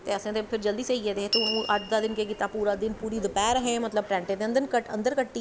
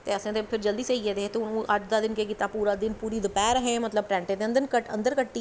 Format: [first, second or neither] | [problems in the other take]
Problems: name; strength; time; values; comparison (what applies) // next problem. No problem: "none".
second | background sound (Door / Bell); 11 dB below the speech